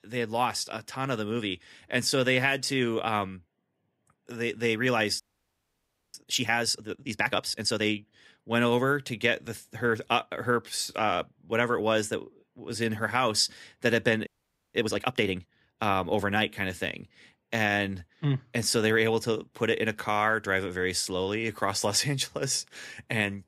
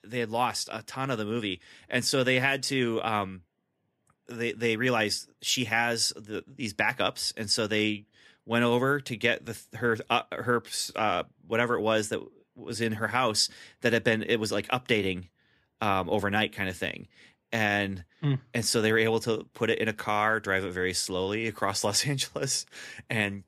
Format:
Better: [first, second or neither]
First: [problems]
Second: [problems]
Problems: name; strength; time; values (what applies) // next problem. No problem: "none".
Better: second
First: audio freezing; at 5 s for 1 s and at 14 s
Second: none